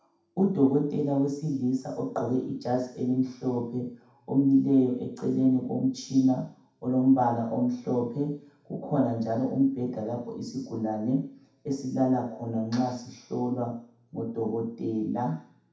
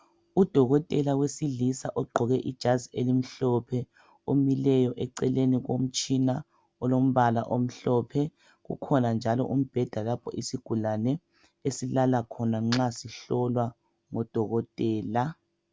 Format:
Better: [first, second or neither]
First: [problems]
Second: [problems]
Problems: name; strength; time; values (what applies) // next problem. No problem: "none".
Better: second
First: room echo; dies away in 0.7 s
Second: none